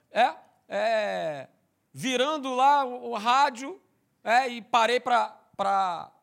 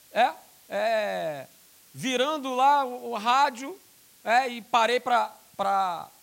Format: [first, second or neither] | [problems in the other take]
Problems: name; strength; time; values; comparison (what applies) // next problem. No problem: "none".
first | hiss; faint; throughout; 30 dB below the speech